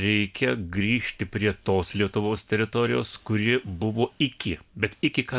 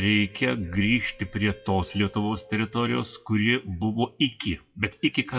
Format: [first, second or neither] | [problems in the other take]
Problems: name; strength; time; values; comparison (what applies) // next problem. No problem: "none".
first | noise reduction (classical method WPE with log-MMSE)